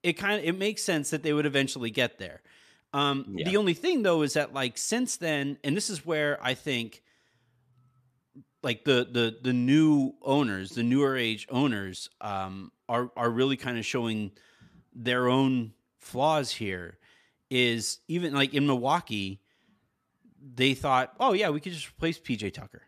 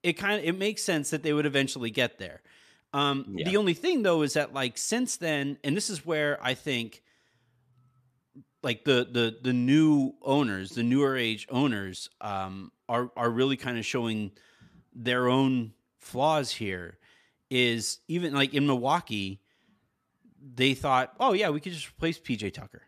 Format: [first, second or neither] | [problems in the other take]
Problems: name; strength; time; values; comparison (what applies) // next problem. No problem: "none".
neither | none